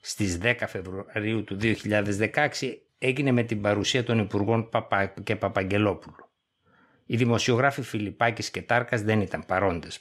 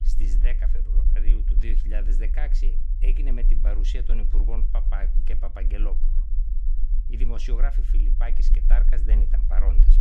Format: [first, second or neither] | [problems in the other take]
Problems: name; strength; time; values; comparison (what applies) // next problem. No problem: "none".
first | low rumble; loud; throughout; 9 dB below the speech